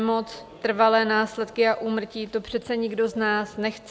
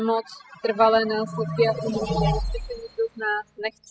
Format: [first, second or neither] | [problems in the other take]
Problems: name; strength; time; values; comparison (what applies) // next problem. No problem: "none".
first | noise reduction (classical method spectral subtraction)